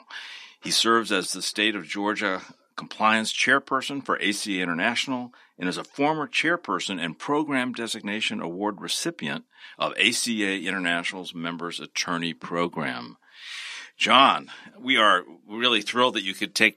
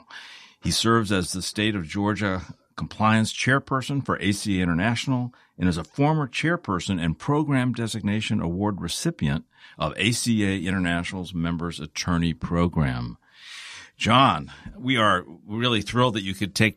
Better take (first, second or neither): second